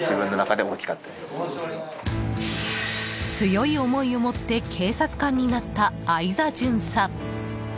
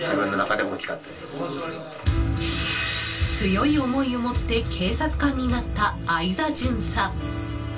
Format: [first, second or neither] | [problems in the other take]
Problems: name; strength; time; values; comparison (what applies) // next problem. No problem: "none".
first | room echo; dies away in 0.2 s